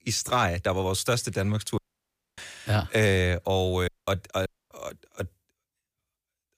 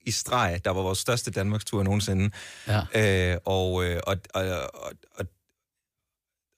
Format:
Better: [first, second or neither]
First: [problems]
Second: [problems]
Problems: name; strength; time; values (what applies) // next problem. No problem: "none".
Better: second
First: audio cutting out; at 2 s for 0.5 s, at 4 s and at 4.5 s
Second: none